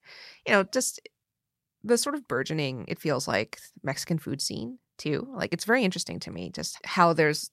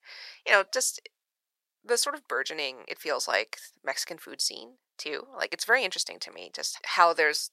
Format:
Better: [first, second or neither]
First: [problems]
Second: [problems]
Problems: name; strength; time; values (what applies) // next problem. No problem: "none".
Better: first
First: none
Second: thin; very; fading below 550 Hz